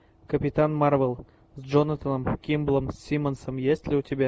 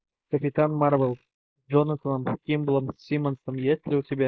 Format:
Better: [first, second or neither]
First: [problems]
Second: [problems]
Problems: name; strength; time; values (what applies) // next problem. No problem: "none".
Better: first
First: none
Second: noise reduction (neural mask model Resemble Enhance denoiser)